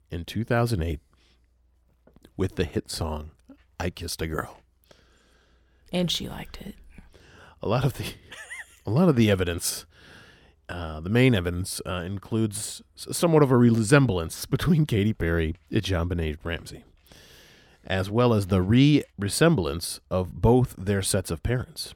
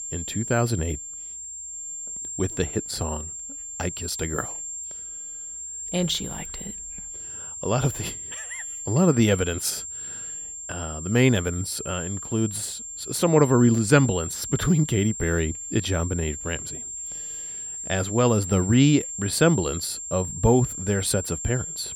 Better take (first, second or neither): first